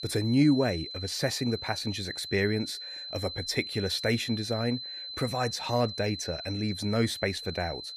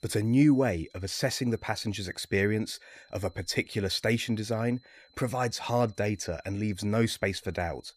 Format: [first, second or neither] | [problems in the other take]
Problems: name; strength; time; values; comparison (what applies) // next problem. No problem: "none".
second | high-pitched whine; loud; throughout; 4 kHz, 8 dB below the speech; faint in the second